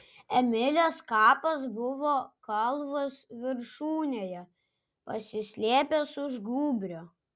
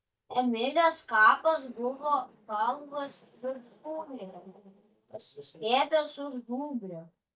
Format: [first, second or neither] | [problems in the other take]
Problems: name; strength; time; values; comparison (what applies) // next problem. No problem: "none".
first | noise reduction (neural mask model DeepFilterNet 3)